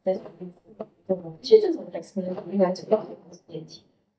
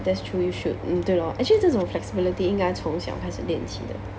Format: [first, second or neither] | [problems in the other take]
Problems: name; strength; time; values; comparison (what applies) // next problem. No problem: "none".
second | noise reduction (neural mask model DeepFilterNet 3)